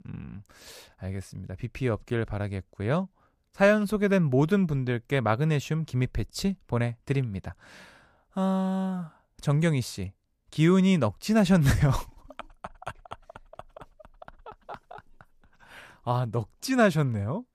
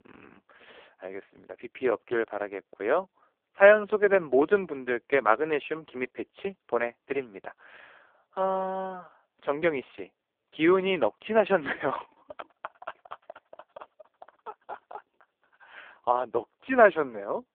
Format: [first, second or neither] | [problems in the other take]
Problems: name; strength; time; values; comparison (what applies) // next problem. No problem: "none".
first | phone-call audio; poor line